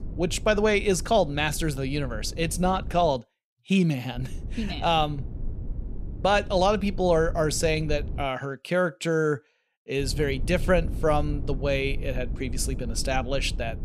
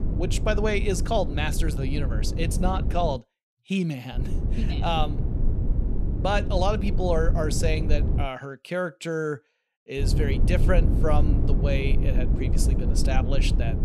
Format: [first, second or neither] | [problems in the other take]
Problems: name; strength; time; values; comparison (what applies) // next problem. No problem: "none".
first | low rumble; loud; until 3 s, from 4 to 8 s and from 10 s on; 9 dB below the speech; faint in the first